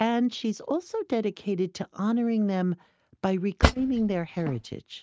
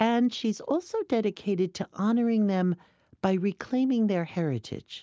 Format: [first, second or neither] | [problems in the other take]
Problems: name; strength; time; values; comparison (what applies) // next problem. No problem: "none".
second | noise reduction (neural mask model RNNoise)